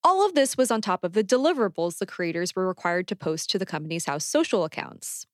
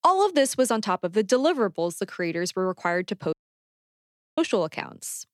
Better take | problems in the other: first | audio cutting out; at 3.5 s for 1 s

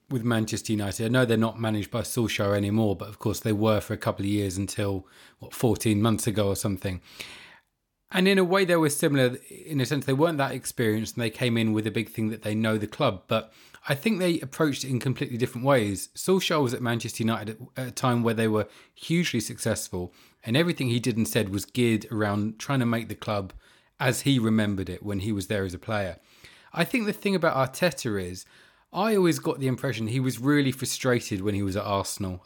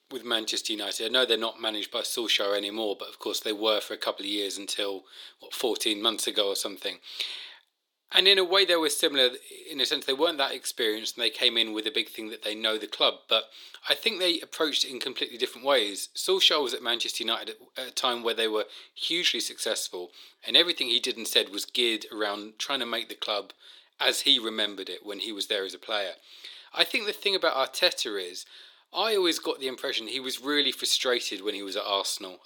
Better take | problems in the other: first | thin; very; fading below 350 Hz

